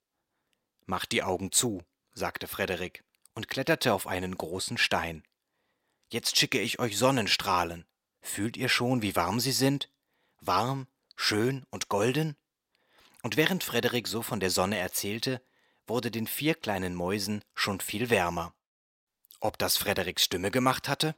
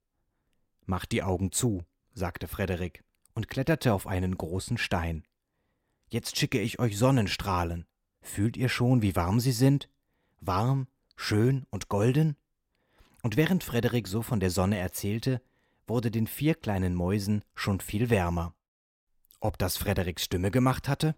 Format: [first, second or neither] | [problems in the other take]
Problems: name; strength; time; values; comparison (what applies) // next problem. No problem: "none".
second | thin; somewhat; fading below 1 kHz